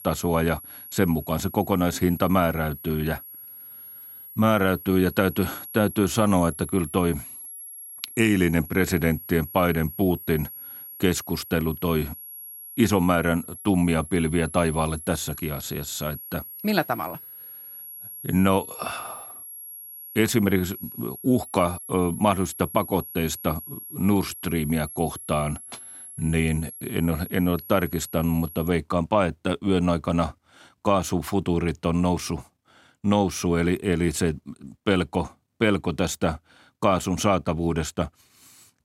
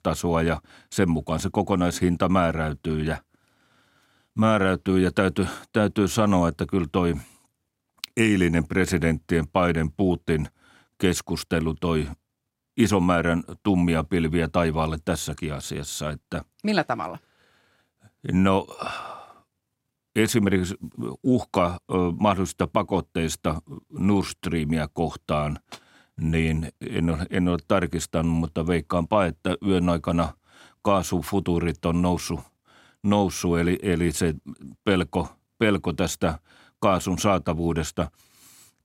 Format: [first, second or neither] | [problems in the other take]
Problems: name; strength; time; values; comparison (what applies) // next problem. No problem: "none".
second | high-pitched whine; noticeable; until 29 s; 11 kHz, 15 dB below the speech